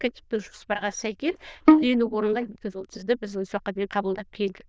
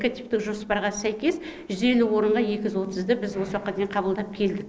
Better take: second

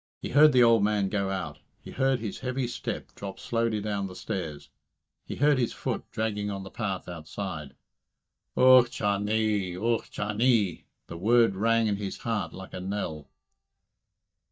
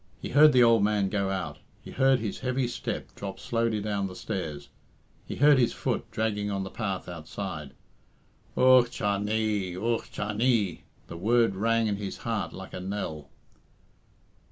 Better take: second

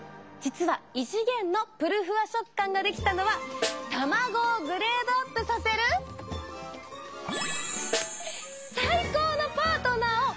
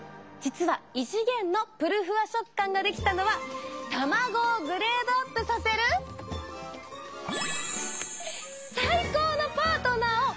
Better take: second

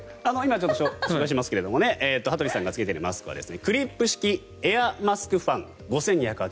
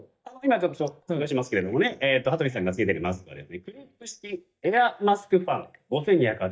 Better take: first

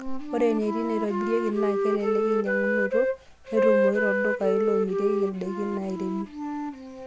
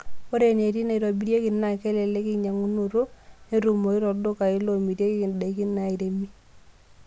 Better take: second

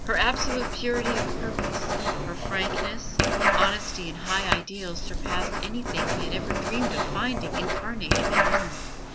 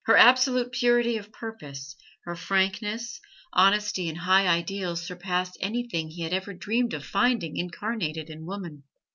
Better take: second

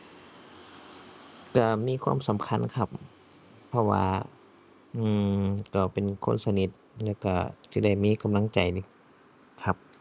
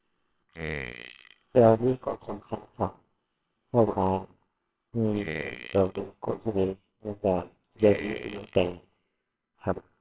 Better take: first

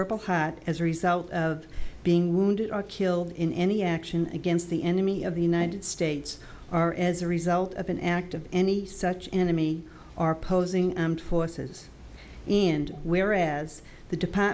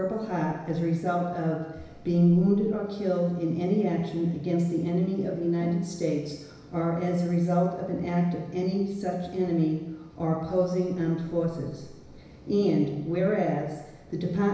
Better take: first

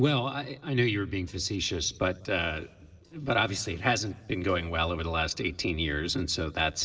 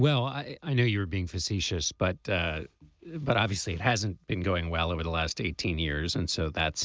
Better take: second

